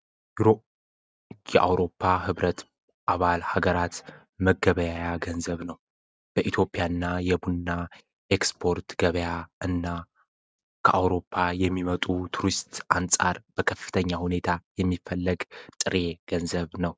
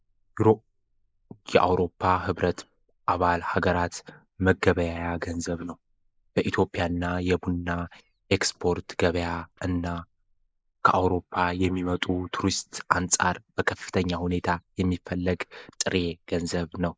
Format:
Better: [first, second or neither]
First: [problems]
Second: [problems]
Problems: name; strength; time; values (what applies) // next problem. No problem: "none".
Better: first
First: none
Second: noise reduction (neural mask model Resemble Enhance denoiser)